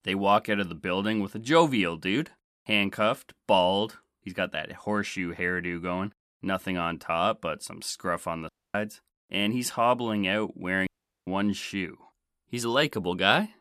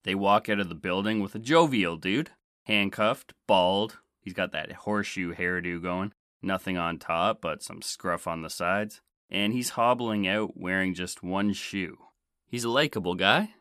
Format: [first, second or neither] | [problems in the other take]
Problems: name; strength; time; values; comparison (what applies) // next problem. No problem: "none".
second | audio cutting out; at 8.5 s and at 11 s